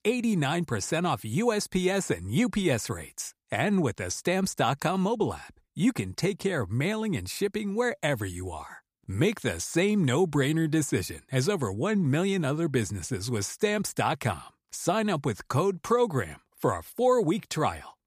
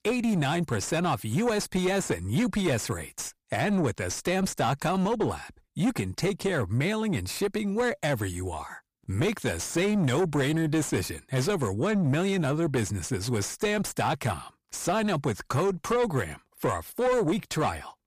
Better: first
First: none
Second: distortion; slight; 10 dB below the speech

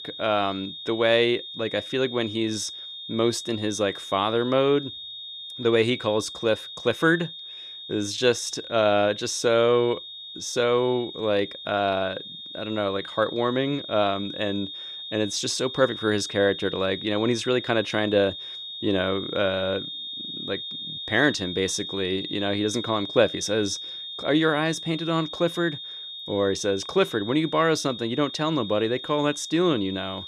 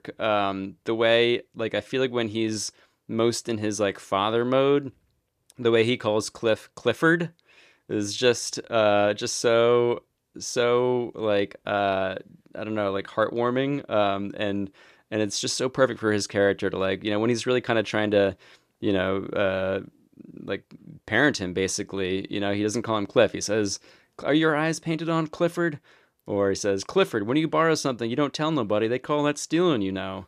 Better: second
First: high-pitched whine; loud; throughout; 3.5 kHz, 9 dB below the speech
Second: none

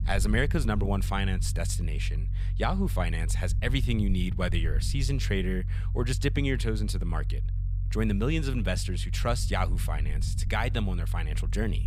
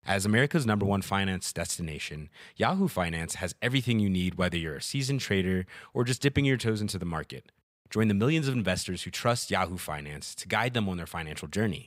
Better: second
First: low rumble; noticeable; throughout; 15 dB below the speech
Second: none

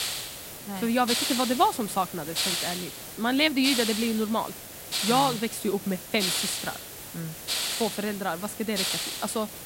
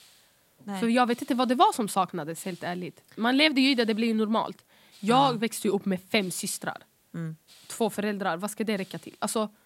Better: second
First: hiss; loud; throughout; 3 dB below the speech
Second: hiss; faint; throughout; 30 dB below the speech

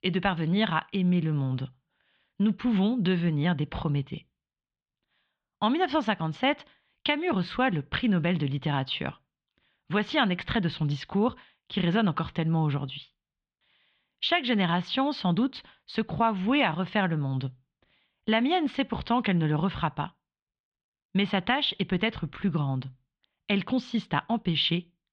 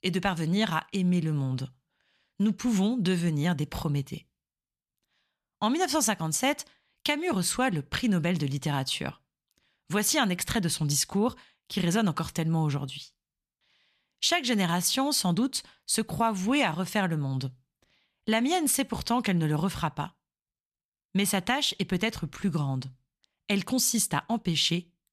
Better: second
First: muffled; very; fading above 3.5 kHz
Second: none

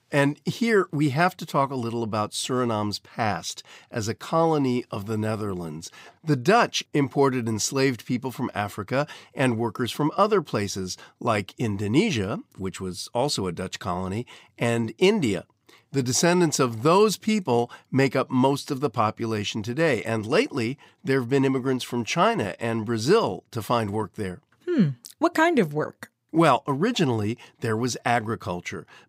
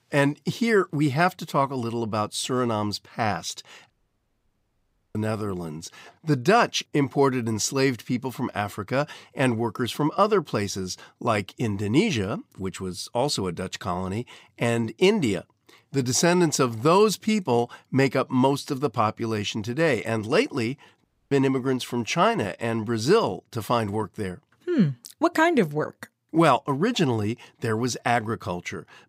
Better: first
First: none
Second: audio cutting out; at 4 s for 1.5 s and at 21 s

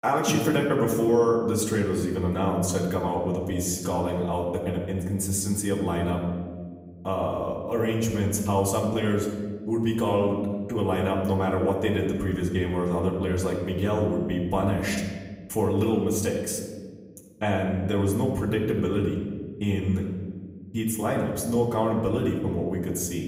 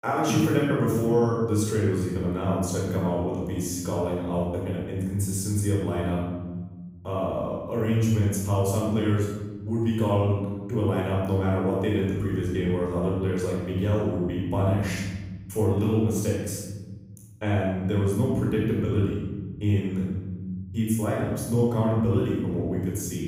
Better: first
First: room echo; slight; dies away in 1.4 s // off-mic speech; far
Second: room echo; strong; dies away in 2.2 s // off-mic speech; far

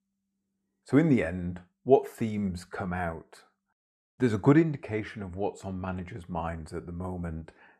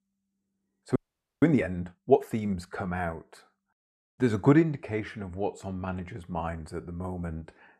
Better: first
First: none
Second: audio freezing; at 1 s

